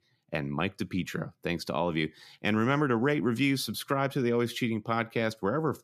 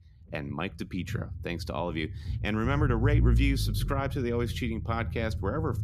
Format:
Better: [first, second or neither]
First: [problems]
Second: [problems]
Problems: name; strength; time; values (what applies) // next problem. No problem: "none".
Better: first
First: none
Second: low rumble; noticeable; throughout; 15 dB below the speech